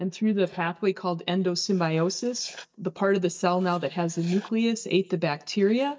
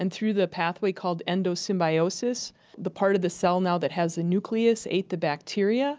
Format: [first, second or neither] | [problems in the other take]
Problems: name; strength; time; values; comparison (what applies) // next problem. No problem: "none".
second | noise reduction (neural mask model DeepFilterNet 3)